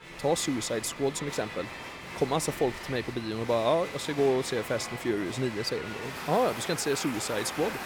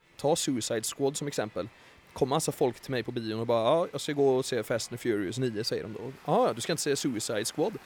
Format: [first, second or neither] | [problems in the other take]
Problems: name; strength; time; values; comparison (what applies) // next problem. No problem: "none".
second | crowd noise; loud; throughout; 9 dB below the speech; faint in the second